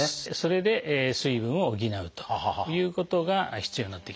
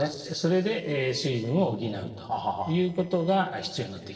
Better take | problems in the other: first | noise reduction (neural separator model SepFormer DNS4)

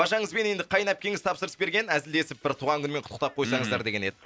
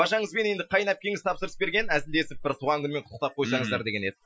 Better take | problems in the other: first | noise reduction (classical method Wiener filter)

